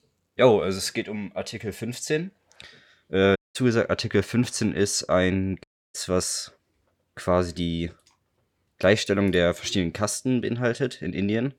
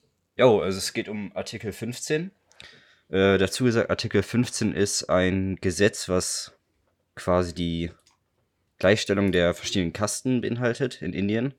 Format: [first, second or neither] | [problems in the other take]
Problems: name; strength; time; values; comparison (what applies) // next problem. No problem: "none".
second | audio cutting out; at 3.5 s and at 5.5 s